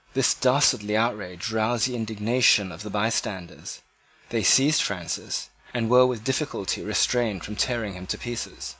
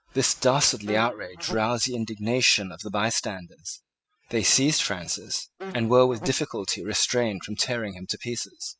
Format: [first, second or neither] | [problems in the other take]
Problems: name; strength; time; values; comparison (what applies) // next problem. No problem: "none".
first | noise reduction (classical method spectral subtraction)